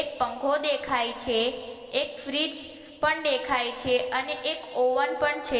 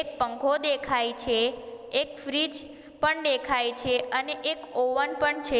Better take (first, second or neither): second